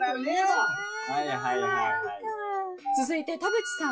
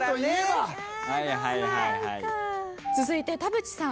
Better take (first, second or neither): second